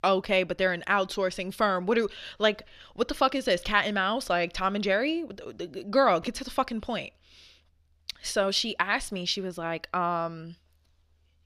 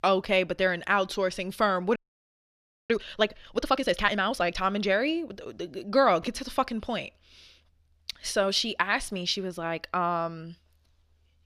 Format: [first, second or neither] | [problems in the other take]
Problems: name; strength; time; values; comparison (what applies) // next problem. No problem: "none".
first | audio freezing; at 2 s for 1 s